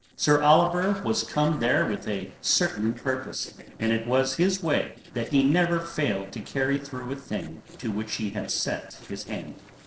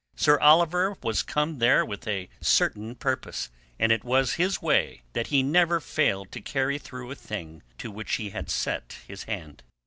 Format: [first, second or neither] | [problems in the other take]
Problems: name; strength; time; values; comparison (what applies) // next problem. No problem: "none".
second | noise reduction (neural separator model SepFormer DNS4)